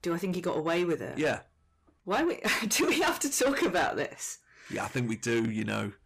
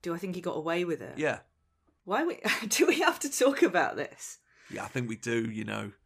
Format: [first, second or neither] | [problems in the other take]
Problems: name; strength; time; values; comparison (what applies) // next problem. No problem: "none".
second | distortion; heavy; 7 dB below the speech